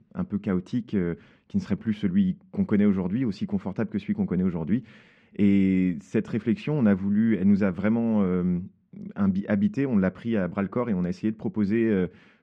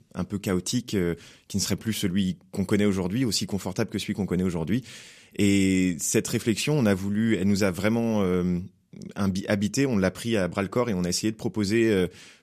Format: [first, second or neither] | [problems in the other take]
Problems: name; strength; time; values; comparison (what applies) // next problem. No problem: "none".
second | muffled; very; fading above 1.5 kHz